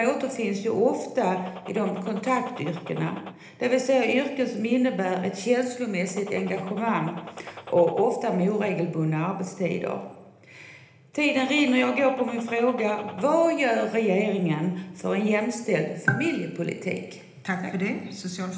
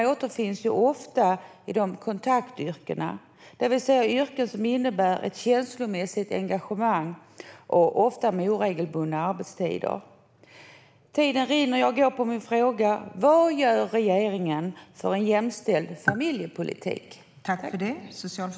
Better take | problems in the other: second | background sound (Gunshot, gunfire); 16 dB below the speech // room echo; dies away in 1 s

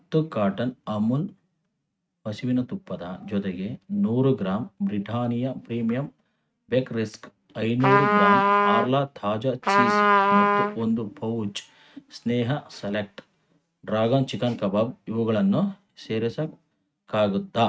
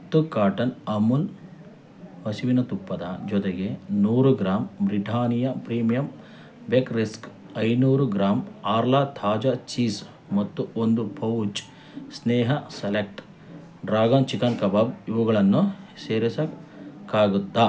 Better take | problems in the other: second | noise reduction (neural mask model RNNoise)

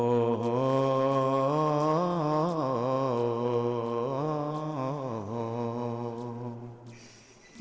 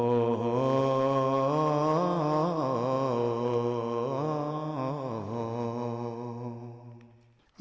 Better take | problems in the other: second | noise reduction (neural separator model SepFormer DNS4)

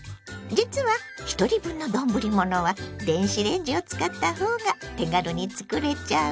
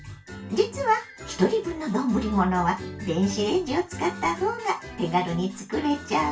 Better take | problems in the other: first | room echo; dies away in 0.2 s

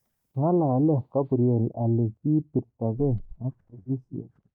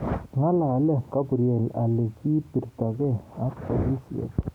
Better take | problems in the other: second | noise reduction (neural mask model DeepFilterNet 3)

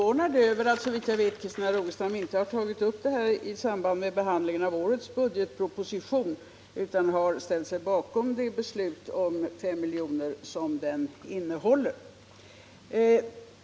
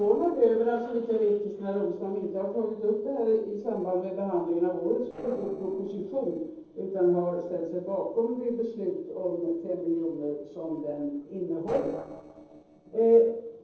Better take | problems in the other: first | noise reduction (neural separator model SepFormer DNS4)

